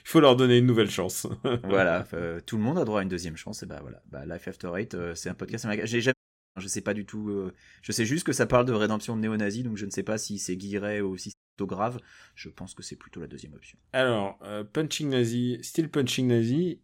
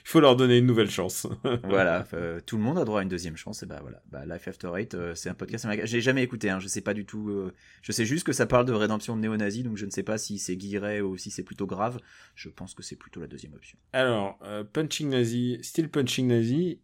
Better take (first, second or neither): second